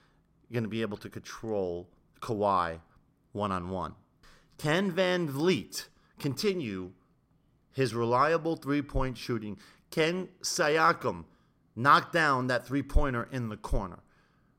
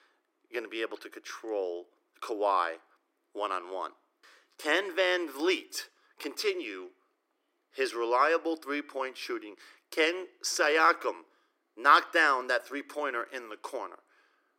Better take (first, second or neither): first